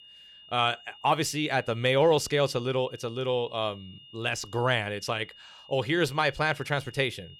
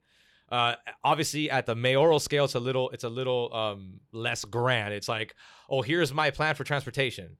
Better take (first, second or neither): second